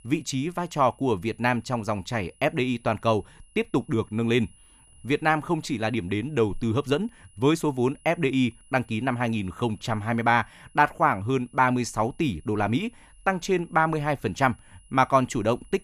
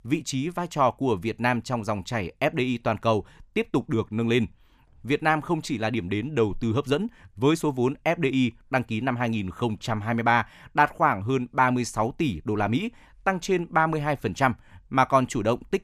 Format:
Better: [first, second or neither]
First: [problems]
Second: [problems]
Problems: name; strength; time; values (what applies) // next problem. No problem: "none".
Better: second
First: high-pitched whine; faint; throughout; 10 kHz, 30 dB below the speech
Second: none